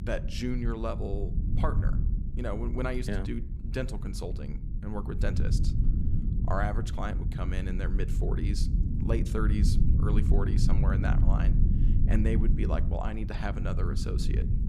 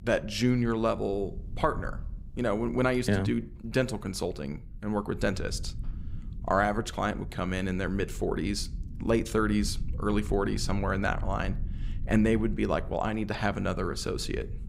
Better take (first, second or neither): second